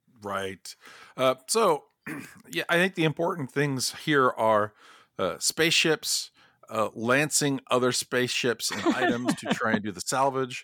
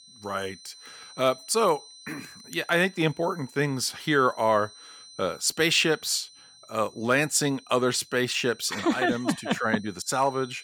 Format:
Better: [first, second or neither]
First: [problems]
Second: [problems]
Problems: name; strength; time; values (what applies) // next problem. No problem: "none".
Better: first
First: none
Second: high-pitched whine; faint; throughout; 4 kHz, 20 dB below the speech